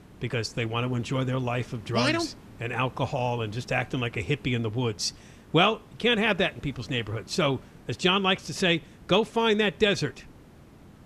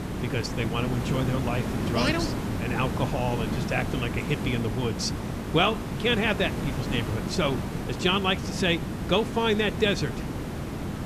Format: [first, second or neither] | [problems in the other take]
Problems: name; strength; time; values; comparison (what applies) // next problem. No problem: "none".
first | hiss; loud; throughout; 4 dB below the speech; faint in the first